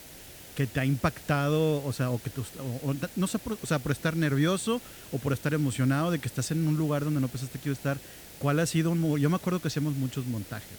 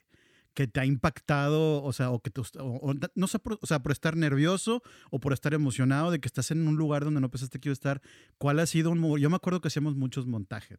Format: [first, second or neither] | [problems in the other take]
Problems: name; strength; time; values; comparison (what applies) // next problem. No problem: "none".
second | hiss; noticeable; throughout; 15 dB below the speech